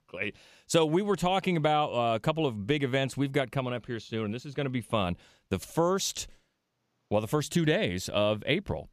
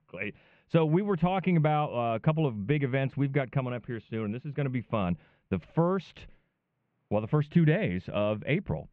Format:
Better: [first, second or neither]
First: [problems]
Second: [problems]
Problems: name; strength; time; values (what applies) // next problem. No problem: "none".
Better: first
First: none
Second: muffled; very; fading above 2.5 kHz